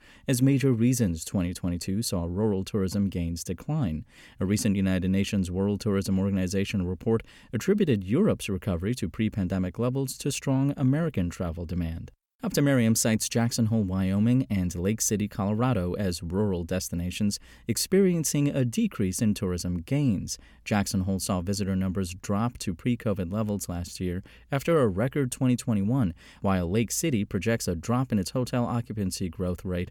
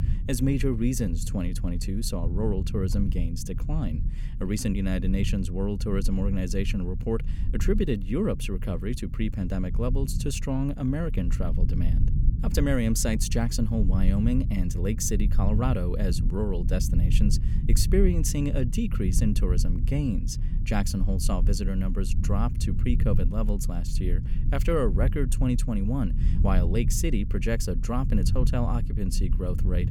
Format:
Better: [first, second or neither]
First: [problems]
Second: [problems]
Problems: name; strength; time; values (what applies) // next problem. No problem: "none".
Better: first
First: none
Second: low rumble; noticeable; throughout; 10 dB below the speech